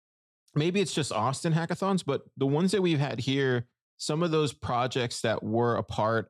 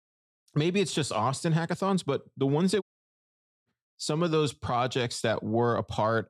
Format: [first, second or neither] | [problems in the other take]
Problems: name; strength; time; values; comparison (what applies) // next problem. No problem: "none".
first | audio cutting out; at 3 s for 1 s